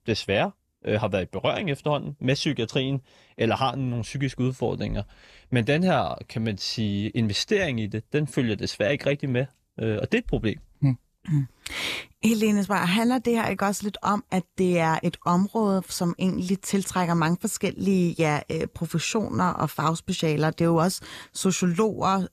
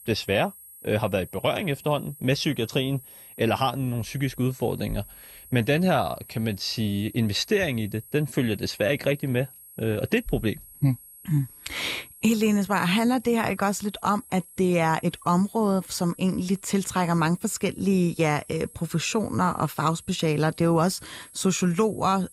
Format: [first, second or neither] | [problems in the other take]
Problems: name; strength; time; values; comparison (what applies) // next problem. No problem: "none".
first | high-pitched whine; noticeable; throughout; 11.5 kHz, 20 dB below the speech